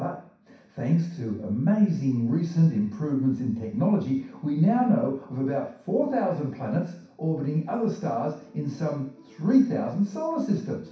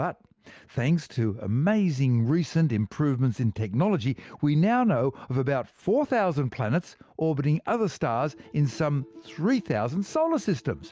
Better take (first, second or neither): second